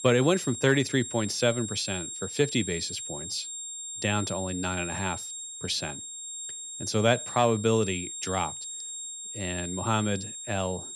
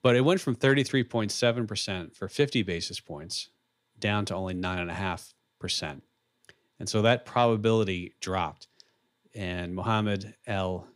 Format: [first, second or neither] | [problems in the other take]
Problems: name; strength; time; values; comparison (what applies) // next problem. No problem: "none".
second | high-pitched whine; loud; throughout; 7.5 kHz, 7 dB below the speech